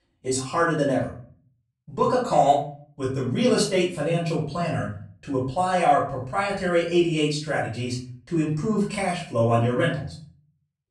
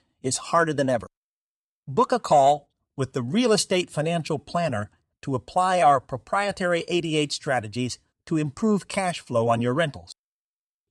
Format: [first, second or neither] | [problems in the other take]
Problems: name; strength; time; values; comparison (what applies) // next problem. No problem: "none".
second | off-mic speech; far // room echo; slight; dies away in 0.5 s